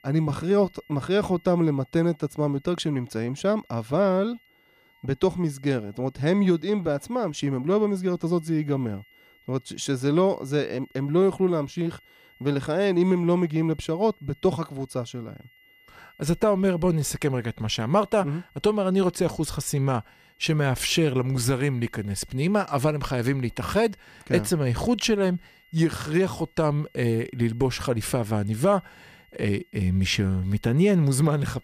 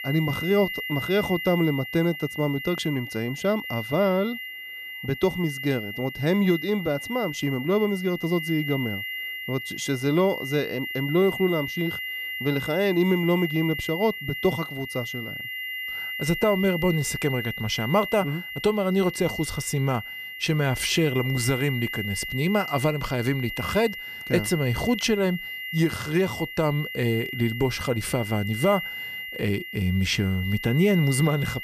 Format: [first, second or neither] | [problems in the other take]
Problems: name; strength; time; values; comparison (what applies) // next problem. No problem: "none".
first | high-pitched whine; loud; throughout; 2 kHz, 7 dB below the speech; faint in the first